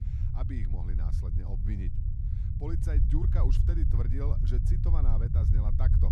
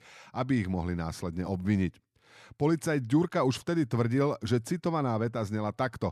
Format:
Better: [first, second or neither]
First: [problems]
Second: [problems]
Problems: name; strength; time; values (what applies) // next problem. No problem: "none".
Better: second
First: low rumble; loud; throughout; 1 dB below the speech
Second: none